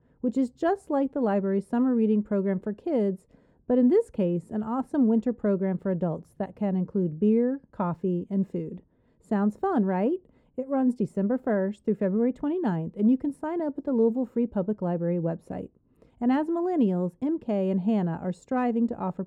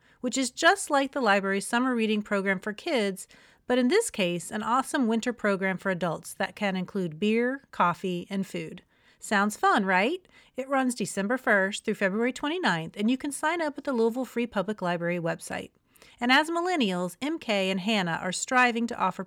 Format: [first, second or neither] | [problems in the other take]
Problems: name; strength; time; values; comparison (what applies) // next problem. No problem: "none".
second | muffled; very; fading above 1 kHz